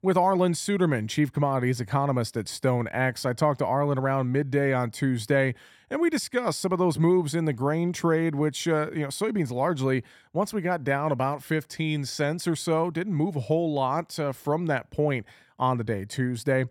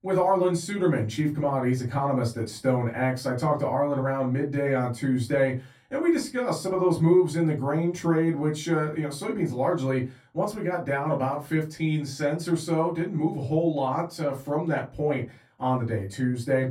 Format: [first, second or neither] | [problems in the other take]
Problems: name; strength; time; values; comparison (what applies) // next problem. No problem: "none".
first | off-mic speech; far // room echo; very slight; dies away in 0.2 s